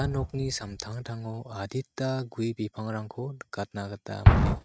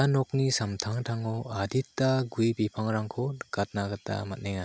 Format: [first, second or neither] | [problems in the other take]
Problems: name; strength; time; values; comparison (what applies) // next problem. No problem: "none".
second | noise reduction (neural mask model RNNoise)